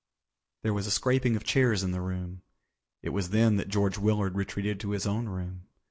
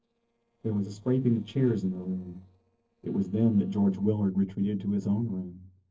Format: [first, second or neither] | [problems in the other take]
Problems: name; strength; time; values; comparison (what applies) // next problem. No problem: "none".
first | noise reduction (neural separator model SepFormer DNS4)